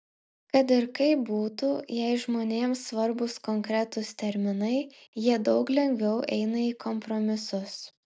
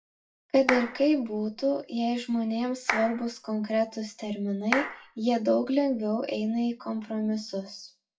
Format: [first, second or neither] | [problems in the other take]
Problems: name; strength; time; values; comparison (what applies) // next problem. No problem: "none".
first | noise reduction (classical method WPE with log-MMSE)